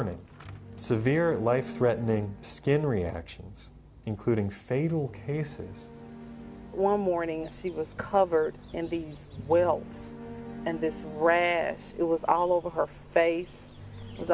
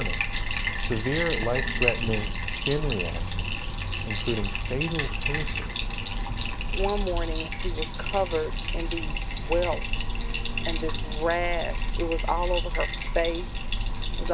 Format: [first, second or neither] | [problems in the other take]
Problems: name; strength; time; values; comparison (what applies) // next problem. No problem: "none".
first | background sound (Bathtub (filling or washing)); 3 dB above the speech